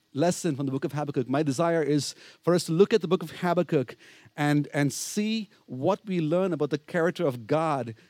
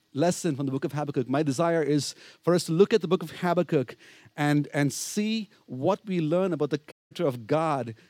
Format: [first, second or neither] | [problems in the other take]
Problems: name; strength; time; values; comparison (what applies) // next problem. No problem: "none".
first | audio cutting out; at 7 s